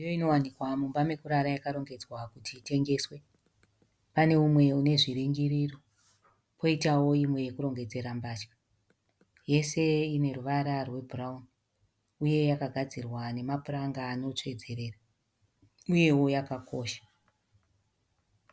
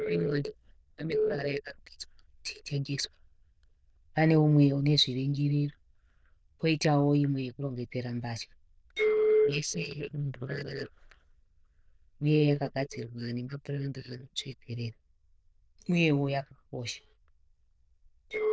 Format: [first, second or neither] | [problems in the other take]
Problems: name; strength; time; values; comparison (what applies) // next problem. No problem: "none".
first | noise reduction (neural diffusion model UNIVERSE++)